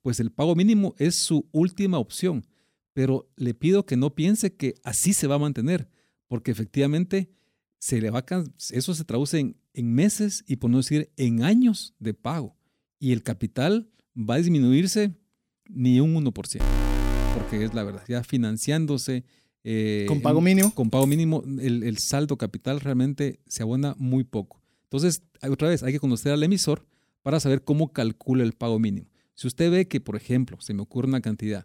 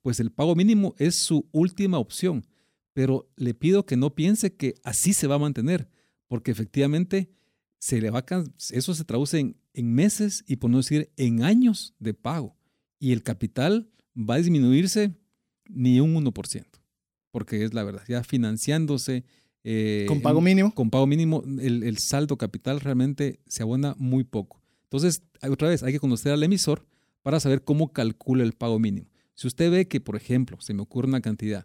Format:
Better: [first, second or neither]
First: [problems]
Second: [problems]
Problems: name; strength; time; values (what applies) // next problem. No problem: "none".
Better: second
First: alarm; noticeable; from 17 to 18 s; peak 2 dB below the speech // jangling keys; noticeable; at 21 s; peak 3 dB below the speech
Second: none